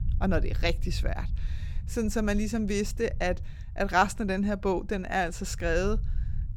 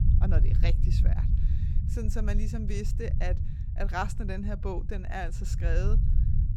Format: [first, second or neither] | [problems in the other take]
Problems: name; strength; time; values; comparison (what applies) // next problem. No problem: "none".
first | low rumble; loud; throughout; 8 dB below the speech; faint in the first